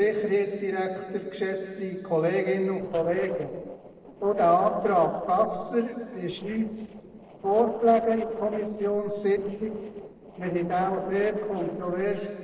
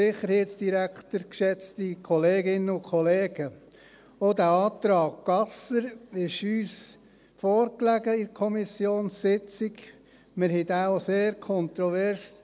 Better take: second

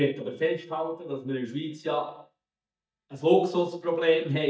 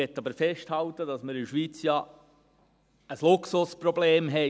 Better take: second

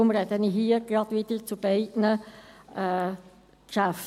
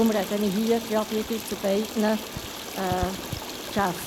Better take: first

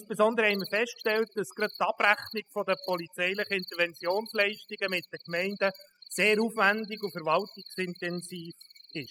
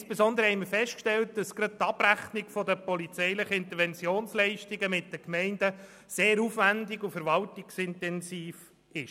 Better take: second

